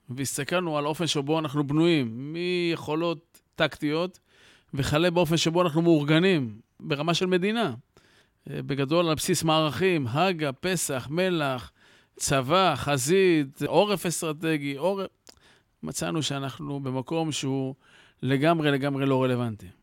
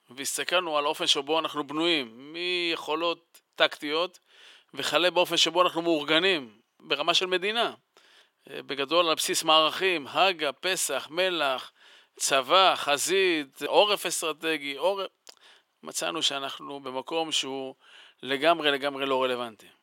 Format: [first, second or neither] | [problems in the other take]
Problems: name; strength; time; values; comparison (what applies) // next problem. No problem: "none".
first | thin; very; fading below 550 Hz